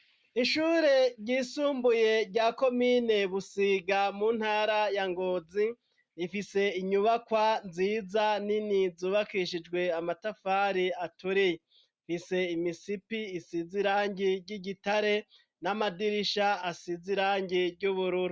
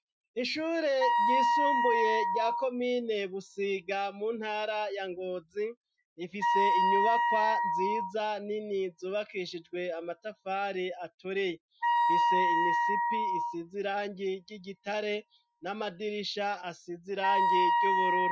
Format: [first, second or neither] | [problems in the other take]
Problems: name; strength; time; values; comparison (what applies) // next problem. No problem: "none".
first | noise reduction (classical method Wiener filter)